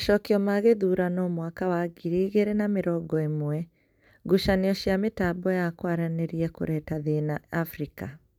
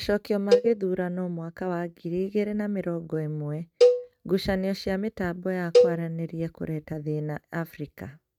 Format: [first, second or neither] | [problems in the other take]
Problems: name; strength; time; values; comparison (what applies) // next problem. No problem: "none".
first | noise reduction (neural mask model RNNoise)